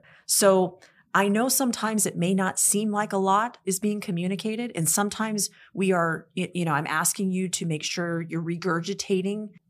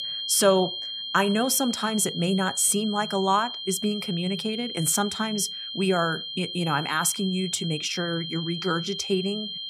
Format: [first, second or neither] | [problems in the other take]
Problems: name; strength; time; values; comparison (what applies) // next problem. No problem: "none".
first | high-pitched whine; loud; throughout; 3 kHz, 6 dB below the speech